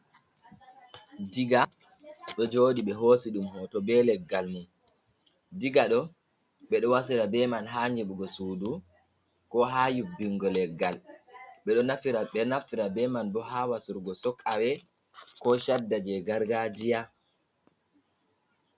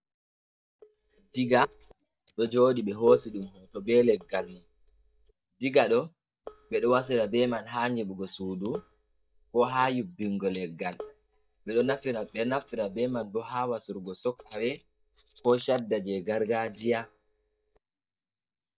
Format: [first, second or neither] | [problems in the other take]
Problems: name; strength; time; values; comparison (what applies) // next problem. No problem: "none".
first | noise reduction (neural mask model DeepFilterNet 3)